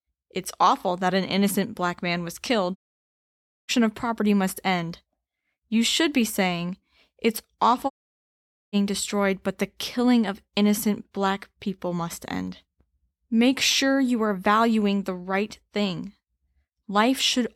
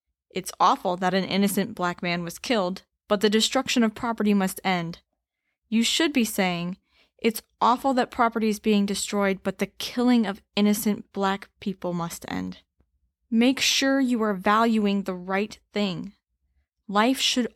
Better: second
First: audio cutting out; at 3 s for 1 s and at 8 s for 1 s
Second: none

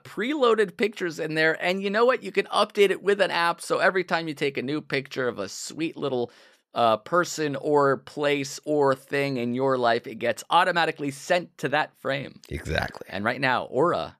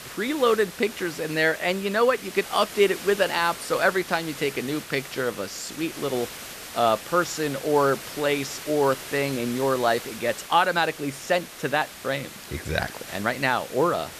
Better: first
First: none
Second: hiss; noticeable; throughout; 10 dB below the speech

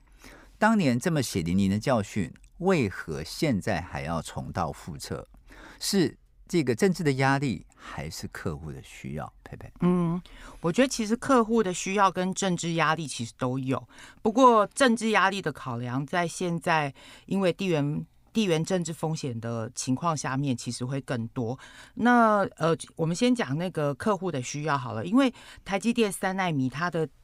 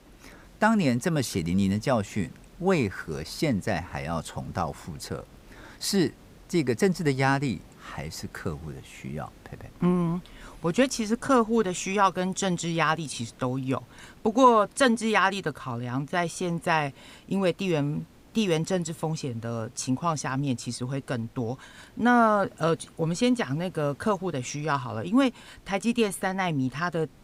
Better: first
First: none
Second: hiss; faint; throughout; 25 dB below the speech

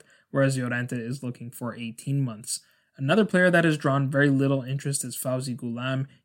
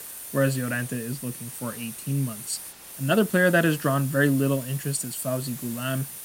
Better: first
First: none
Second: hiss; noticeable; throughout; 10 dB below the speech

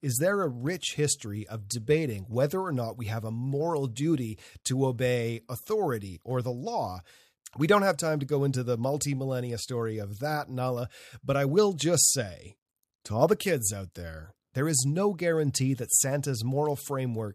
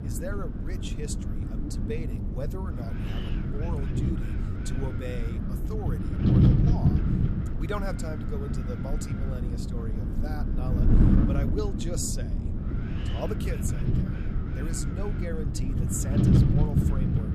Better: first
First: none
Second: wind noise on the microphone; heavy; 2 dB above the speech

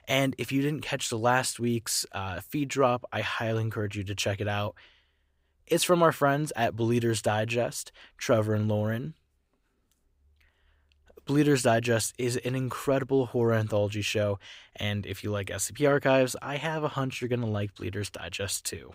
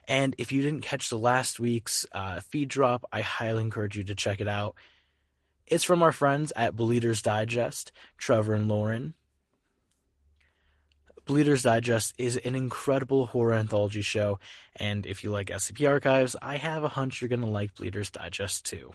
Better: first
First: none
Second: garbled, watery; slightly; nothing above 12 kHz

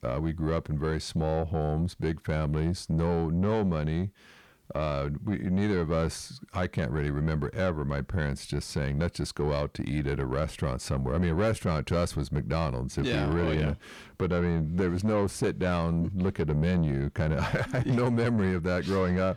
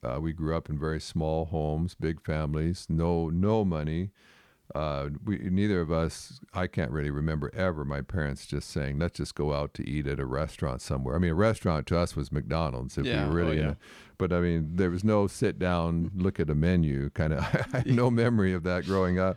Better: second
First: distortion; slight; 10 dB below the speech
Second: none

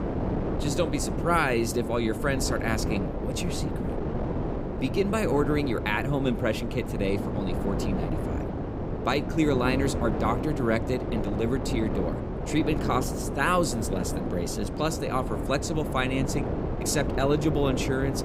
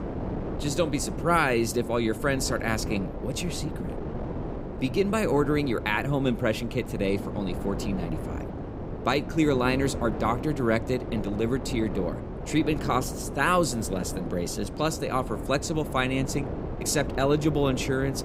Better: second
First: wind noise on the microphone; heavy; 6 dB below the speech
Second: wind noise on the microphone; occasional gusts; 10 dB below the speech

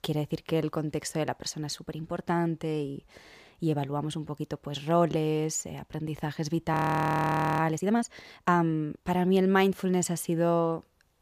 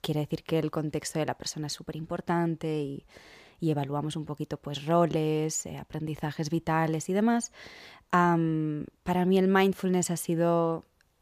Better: second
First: audio freezing; at 6.5 s for 1 s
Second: none

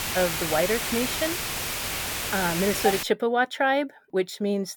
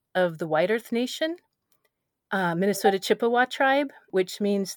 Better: second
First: hiss; loud; until 3 s; 2 dB below the speech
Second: none

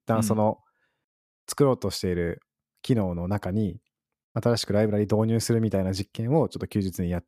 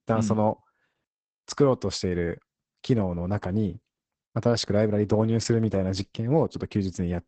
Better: first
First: none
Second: garbled, watery; badly; nothing above 8 kHz

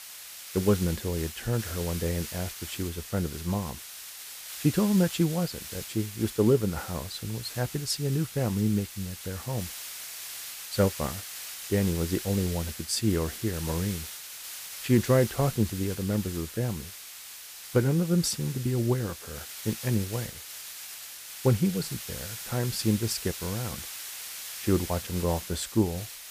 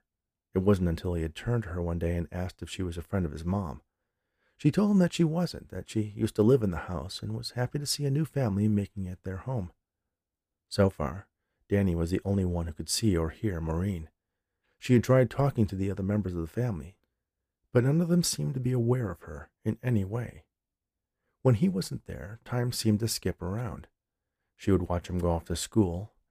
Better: second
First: hiss; loud; throughout; 9 dB below the speech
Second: none

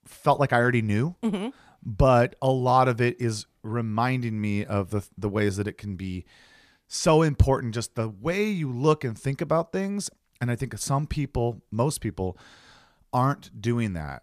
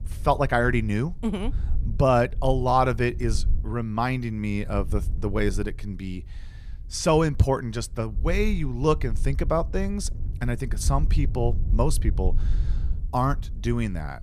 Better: first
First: none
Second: low rumble; faint; throughout; 25 dB below the speech

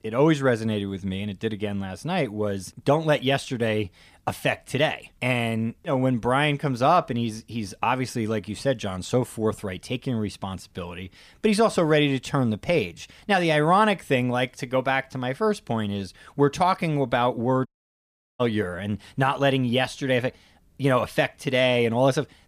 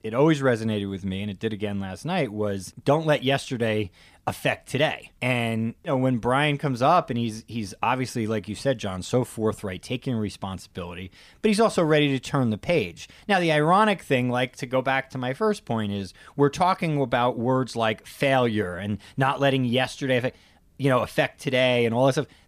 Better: second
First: audio cutting out; at 18 s for 0.5 s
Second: none

